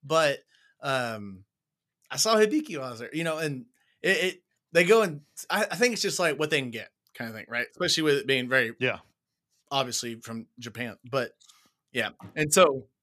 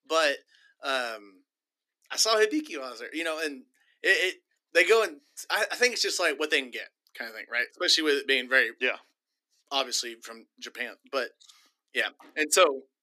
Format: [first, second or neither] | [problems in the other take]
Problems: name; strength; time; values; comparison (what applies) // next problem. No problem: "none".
first | thin; somewhat; fading below 250 Hz